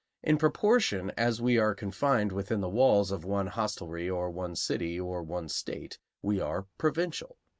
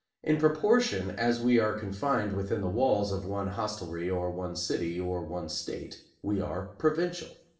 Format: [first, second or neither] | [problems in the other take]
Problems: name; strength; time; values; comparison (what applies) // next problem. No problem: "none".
first | room echo; dies away in 0.5 s